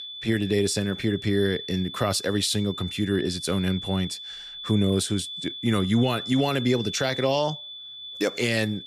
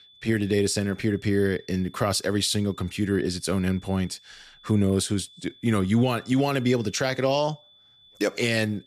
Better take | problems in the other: second | high-pitched whine; loud; throughout; 3.5 kHz, 10 dB below the speech; faint in the second

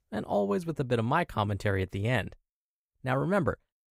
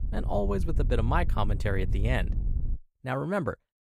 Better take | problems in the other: first | wind noise on the microphone; occasional gusts; until 3 s; 15 dB below the speech

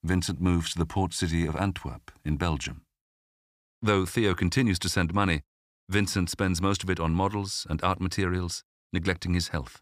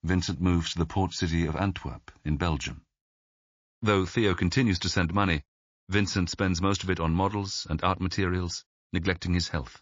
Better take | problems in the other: first | garbled, watery; slightly

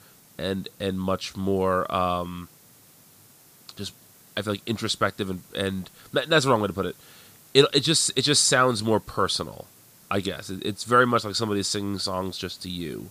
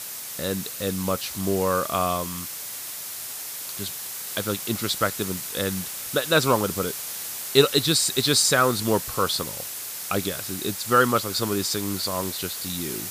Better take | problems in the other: first | hiss; loud; throughout; 6 dB below the speech; faint in the first

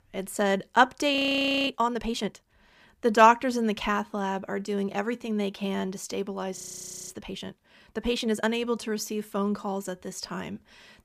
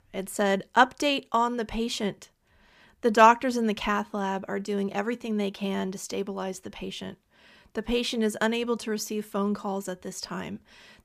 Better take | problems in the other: second | audio freezing; at 1 s for 0.5 s and at 6.5 s for 0.5 s

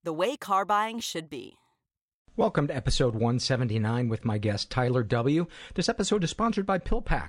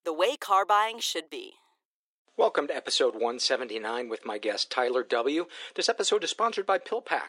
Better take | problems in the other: first | thin; very; fading below 350 Hz

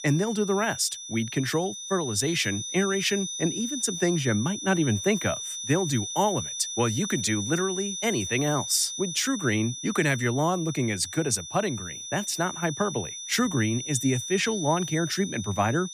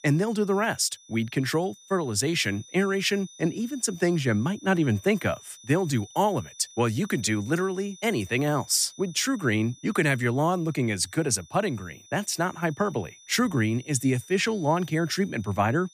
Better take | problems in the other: second | high-pitched whine; loud; throughout; 6 kHz, 6 dB below the speech; faint in the second

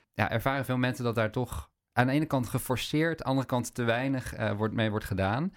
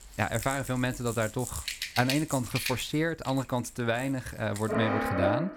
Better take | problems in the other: first | background music; loud; throughout; 3 dB below the speech

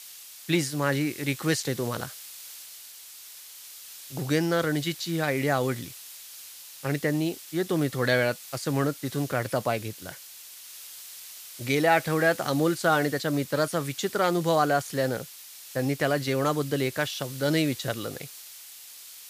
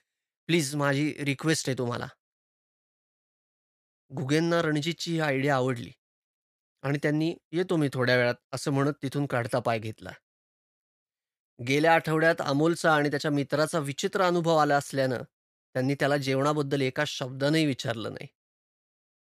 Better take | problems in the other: second | hiss; noticeable; throughout; 15 dB below the speech

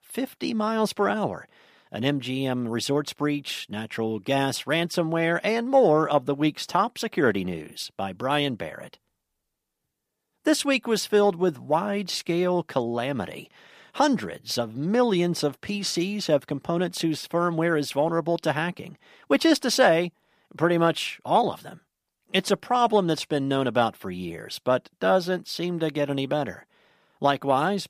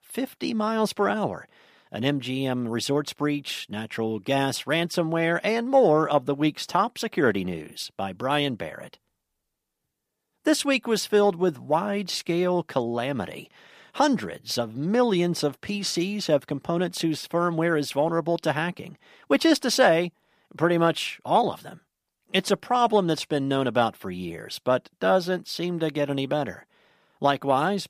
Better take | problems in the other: neither | none

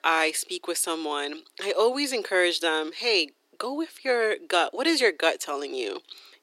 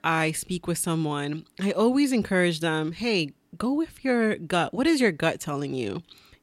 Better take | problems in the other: second | thin; very; fading below 350 Hz

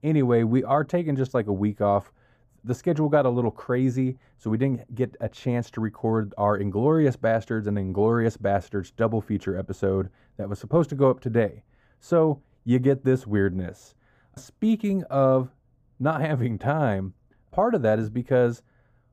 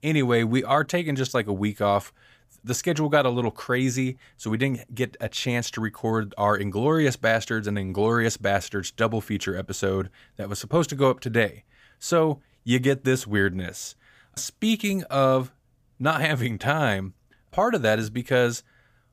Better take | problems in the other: second | muffled; very; fading above 1.5 kHz

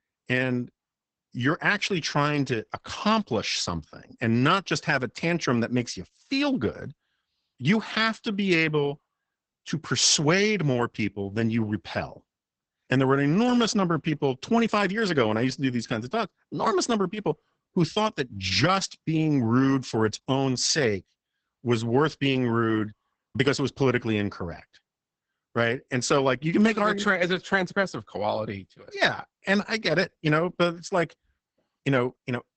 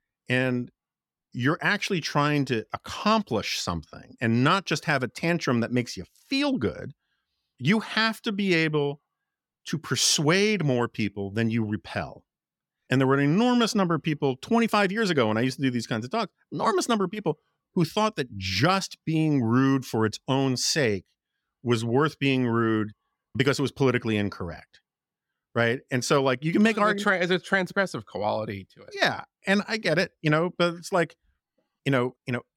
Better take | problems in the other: second | garbled, watery; badly; nothing above 8 kHz

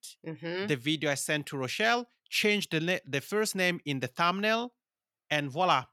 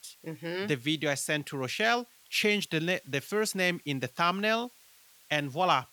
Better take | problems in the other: first | hiss; faint; throughout; 25 dB below the speech

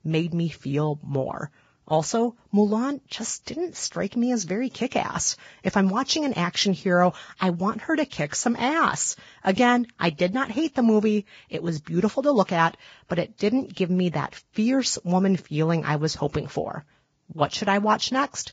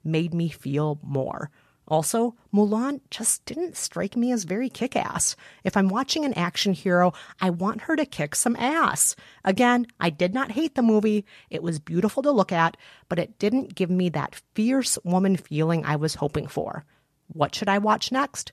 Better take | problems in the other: second | garbled, watery; badly; nothing above 7.5 kHz

